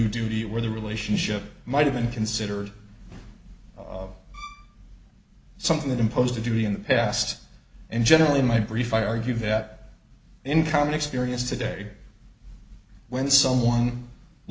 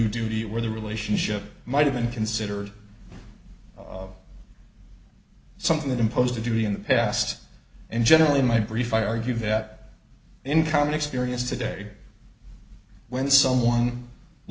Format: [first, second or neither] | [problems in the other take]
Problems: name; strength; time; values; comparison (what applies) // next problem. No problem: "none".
second | background sound (Bowed string instrument); 18 dB below the speech